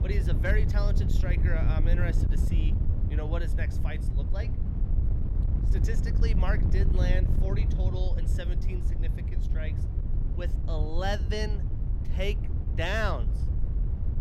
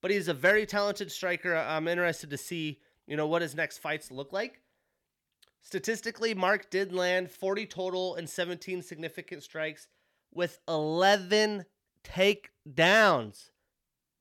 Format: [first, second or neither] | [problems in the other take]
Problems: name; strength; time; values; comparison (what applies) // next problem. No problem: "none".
second | wind noise on the microphone; heavy; 7 dB below the speech